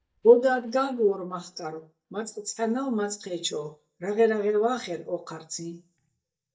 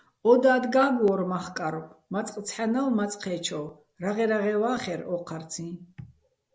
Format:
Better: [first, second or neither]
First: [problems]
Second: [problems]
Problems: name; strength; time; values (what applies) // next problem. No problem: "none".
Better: second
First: noise reduction (neural mask model DeepFilterNet 3)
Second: none